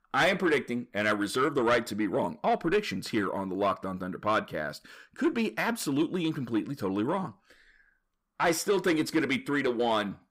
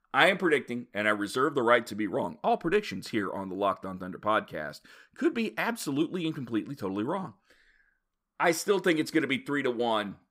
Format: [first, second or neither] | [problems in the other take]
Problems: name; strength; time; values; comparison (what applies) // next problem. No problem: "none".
second | distortion; slight; 10 dB below the speech